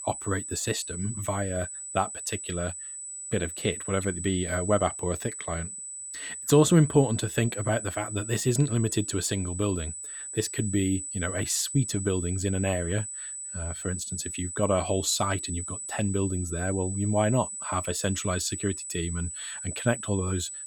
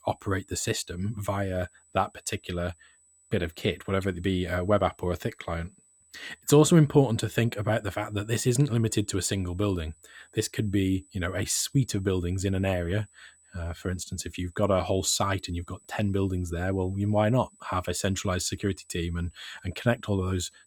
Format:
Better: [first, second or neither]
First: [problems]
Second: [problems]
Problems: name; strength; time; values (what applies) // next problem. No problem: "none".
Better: second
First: high-pitched whine; loud; throughout; 8 kHz, 7 dB below the speech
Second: high-pitched whine; faint; throughout; 8 kHz, 30 dB below the speech